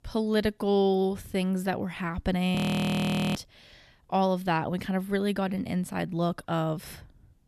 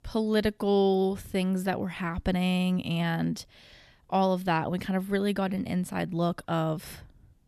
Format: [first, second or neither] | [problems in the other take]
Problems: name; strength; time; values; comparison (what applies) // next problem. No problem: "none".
second | audio freezing; at 2.5 s for 1 s